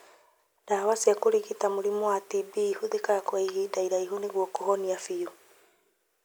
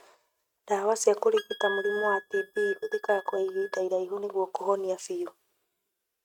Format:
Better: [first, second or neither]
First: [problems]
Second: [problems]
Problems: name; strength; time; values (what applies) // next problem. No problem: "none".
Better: first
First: none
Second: noise reduction (neural mask model RNNoise)